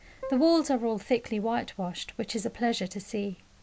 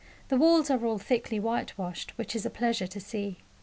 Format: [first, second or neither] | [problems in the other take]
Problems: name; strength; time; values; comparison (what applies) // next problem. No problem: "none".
second | background sound (Keyboard (musical)); 12 dB below the speech